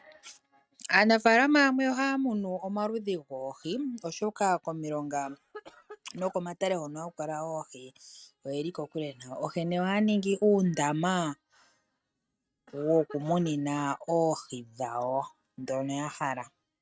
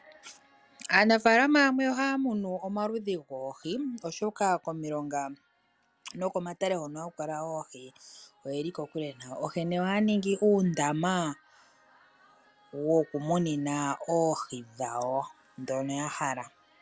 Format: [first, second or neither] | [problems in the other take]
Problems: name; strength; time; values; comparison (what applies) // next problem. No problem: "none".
second | noise reduction (neural mask model RNNoise)